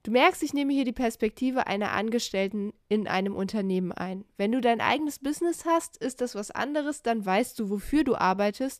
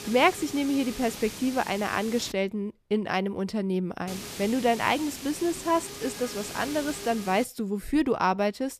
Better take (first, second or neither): first